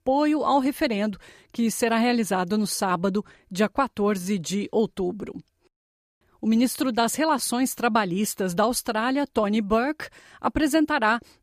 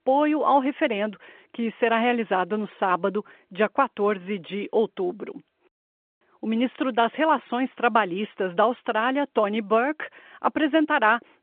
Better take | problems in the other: first | phone-call audio

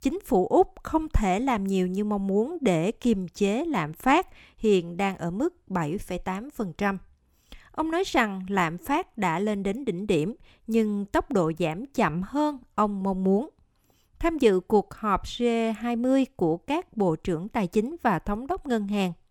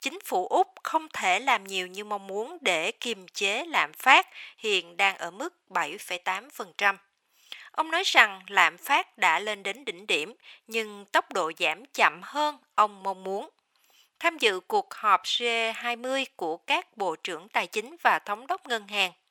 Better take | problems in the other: first | thin; very; fading below 800 Hz

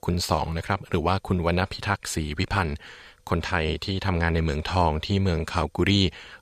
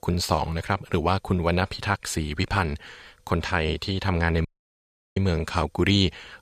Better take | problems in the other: first | audio cutting out; at 4.5 s for 0.5 s

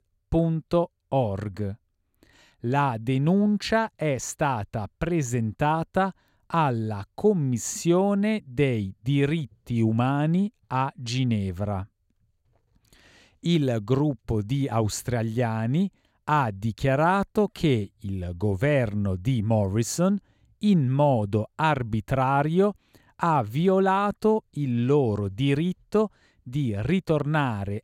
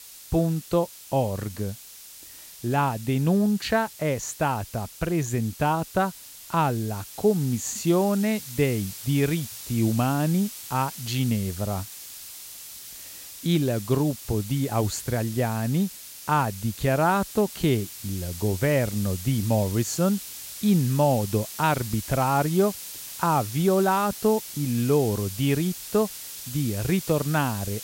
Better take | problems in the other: first | hiss; noticeable; throughout; 10 dB below the speech

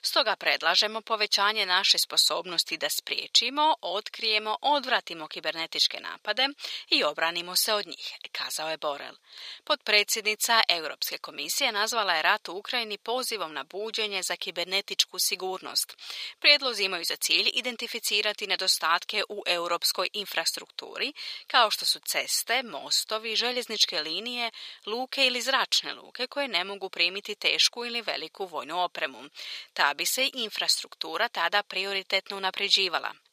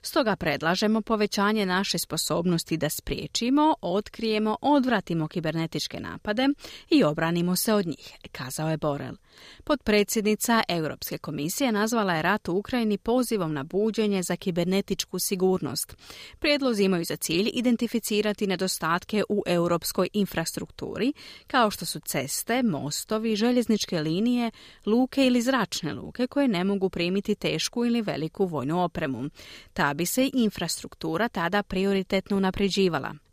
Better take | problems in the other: second | thin; very; fading below 750 Hz

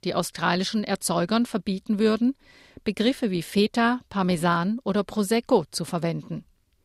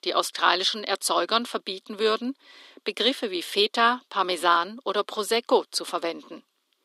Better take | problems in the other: first | thin; somewhat; fading below 300 Hz

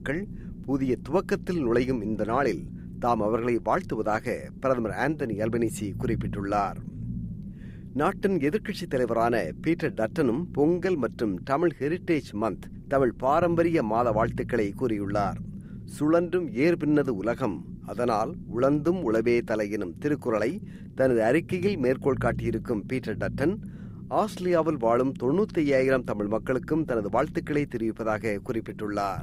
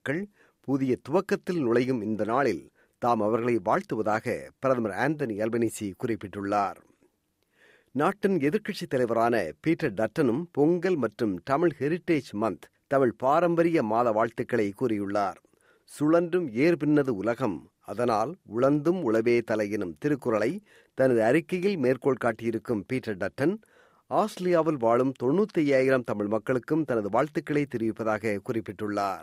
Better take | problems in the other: second | low rumble; faint; throughout; 20 dB below the speech

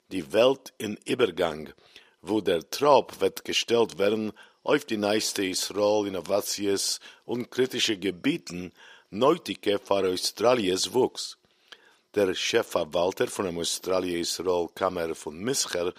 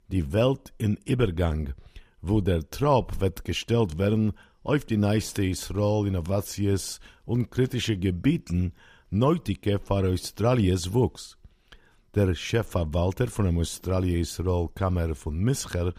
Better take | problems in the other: second | thin; somewhat; fading below 400 Hz

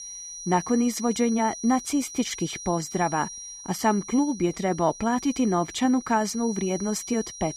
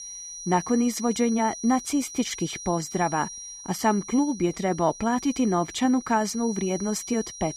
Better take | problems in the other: neither | high-pitched whine; noticeable; throughout; 6 kHz, 10 dB below the speech; the same in both

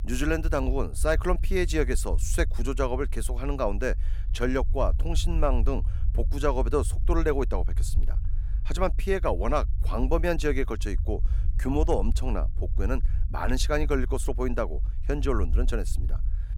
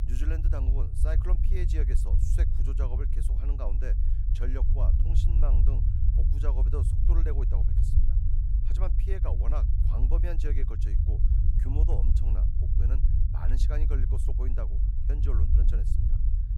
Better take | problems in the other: first | low rumble; loud; throughout; 2 dB below the speech; faint in the first

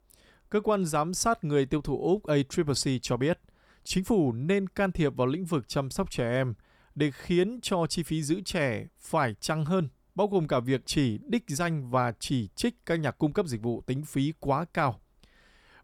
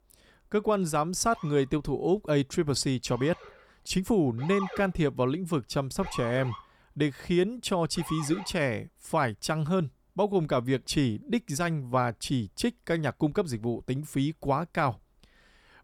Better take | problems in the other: first | siren; noticeable; from 1.5 to 8.5 s; peak 8 dB below the speech

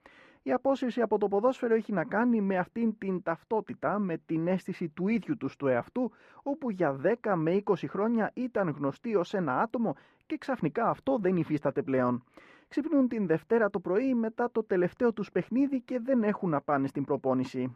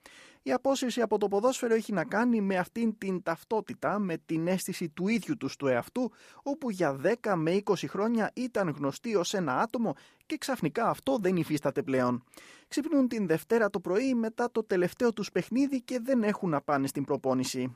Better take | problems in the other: second | muffled; very; fading above 4 kHz

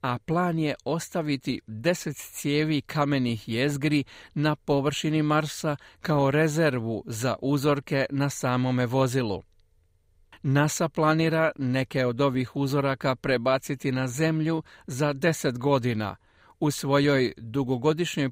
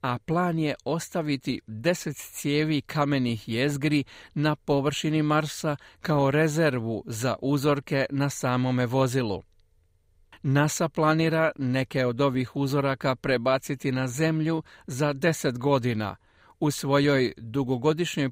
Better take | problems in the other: neither | none

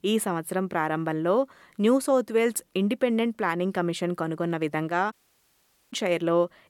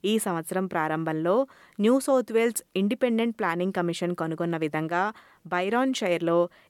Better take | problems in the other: second | audio cutting out; at 5 s for 1 s

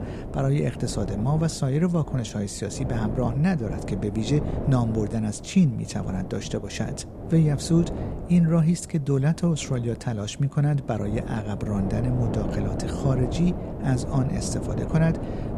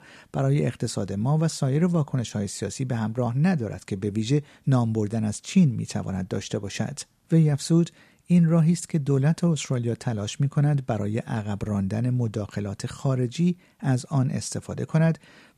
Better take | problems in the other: second | wind noise on the microphone; heavy; 7 dB below the speech

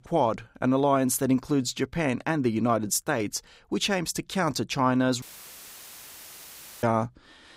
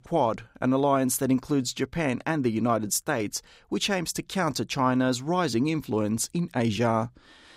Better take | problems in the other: second | audio cutting out; filled with static; at 5 s for 1.5 s

